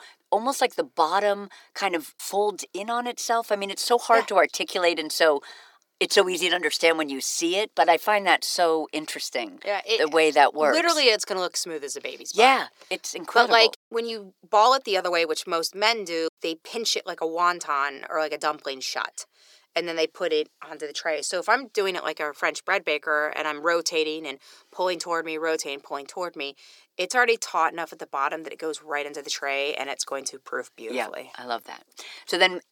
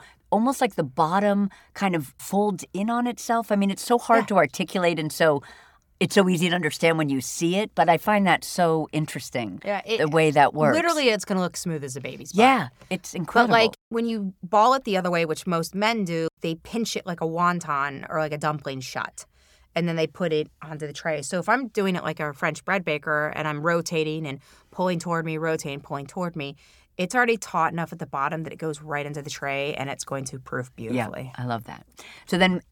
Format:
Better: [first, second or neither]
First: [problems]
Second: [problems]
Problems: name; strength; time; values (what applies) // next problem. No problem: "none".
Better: second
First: thin; somewhat; fading below 350 Hz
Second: none